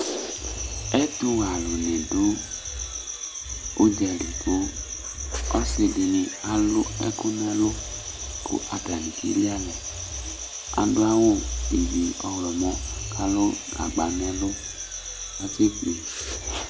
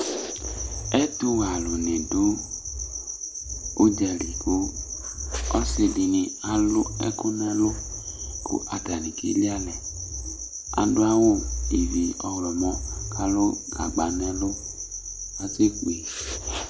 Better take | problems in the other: second | background sound (Sawing); 17 dB below the speech

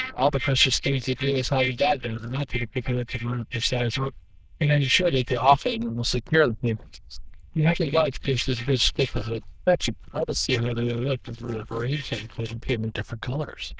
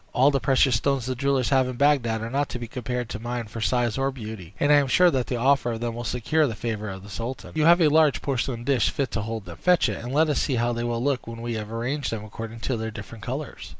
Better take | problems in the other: second | noise reduction (neural diffusion model UNIVERSE++)

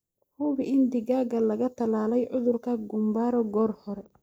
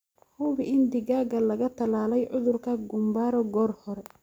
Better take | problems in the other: second | noise reduction (neural mask model Resemble Enhance denoiser)

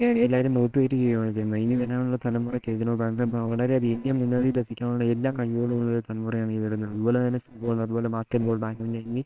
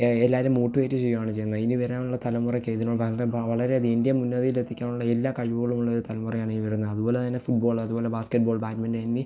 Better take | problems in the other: second | noise reduction (neural separator model SepFormer WHAMR!)

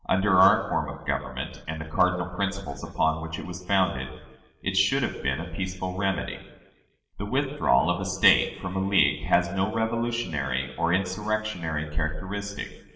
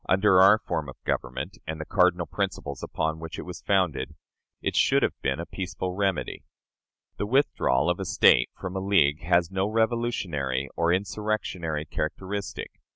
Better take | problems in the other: second | room echo; dies away in 0.9 s

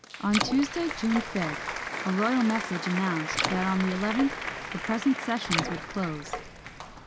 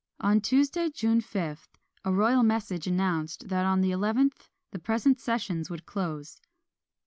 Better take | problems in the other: second | background sound (Applause + Water / Splash, splatter); 5 dB below the speech

